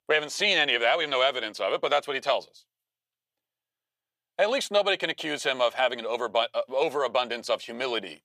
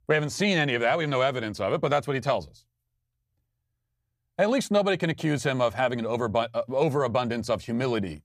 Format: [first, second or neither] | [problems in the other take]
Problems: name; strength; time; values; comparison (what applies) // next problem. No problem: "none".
second | thin; somewhat; fading below 500 Hz